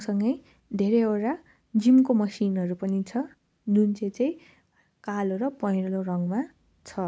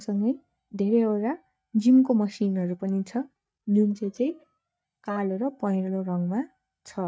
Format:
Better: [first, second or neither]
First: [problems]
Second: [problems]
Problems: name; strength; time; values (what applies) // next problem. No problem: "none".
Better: first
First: none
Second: noise reduction (neural mask model DeepFilterNet 3)